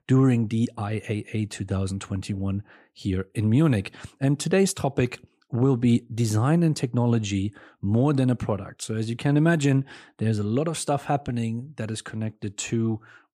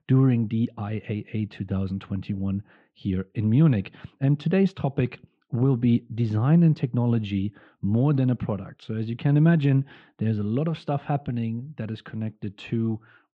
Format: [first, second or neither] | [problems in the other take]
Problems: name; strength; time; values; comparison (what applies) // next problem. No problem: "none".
first | muffled; very; fading above 3.5 kHz